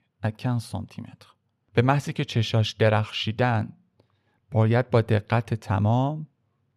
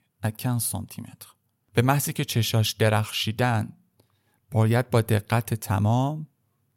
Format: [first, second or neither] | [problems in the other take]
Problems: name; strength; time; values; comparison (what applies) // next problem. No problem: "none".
second | muffled; slightly; fading above 4 kHz